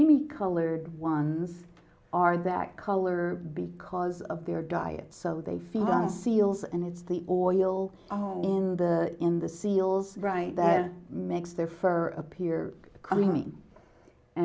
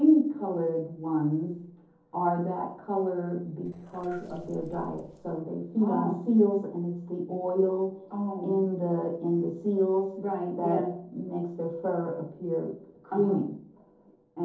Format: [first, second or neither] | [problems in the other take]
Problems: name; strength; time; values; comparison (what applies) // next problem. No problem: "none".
first | noise reduction (neural separator model SepFormer DNS4)